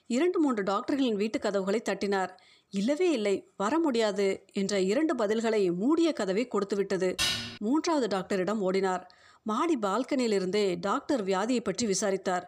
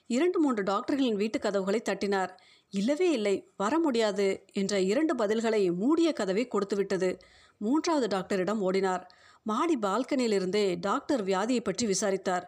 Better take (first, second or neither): second